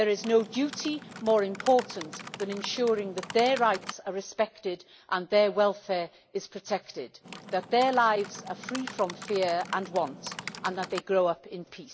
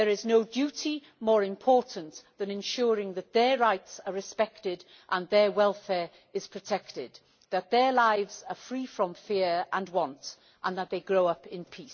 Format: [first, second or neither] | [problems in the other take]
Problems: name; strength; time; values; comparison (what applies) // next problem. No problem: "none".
second | background sound (Typing); 13 dB below the speech